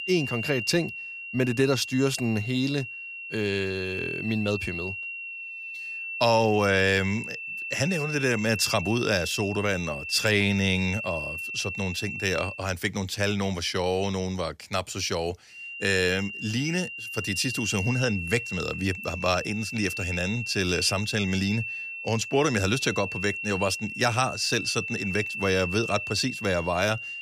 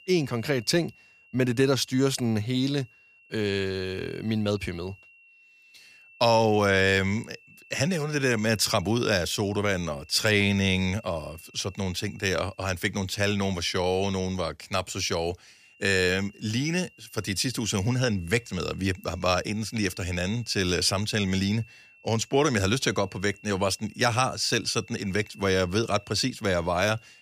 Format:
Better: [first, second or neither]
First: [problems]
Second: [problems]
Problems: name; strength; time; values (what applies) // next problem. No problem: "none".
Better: second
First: high-pitched whine; loud; until 13 s and from 16 s on; 2.5 kHz, 6 dB below the speech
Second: high-pitched whine; faint; until 13 s and from 16 s on; 2.5 kHz, 25 dB below the speech